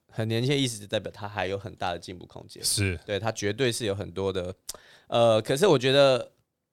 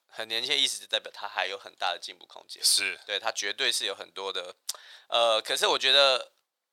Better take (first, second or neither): first